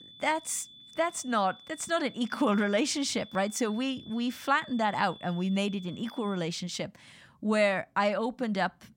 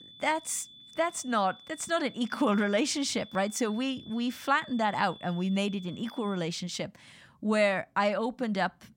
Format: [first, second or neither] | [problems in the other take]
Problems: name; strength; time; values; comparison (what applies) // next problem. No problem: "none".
neither | high-pitched whine; noticeable; until 6.5 s; 3.5 kHz, 20 dB below the speech; the same in both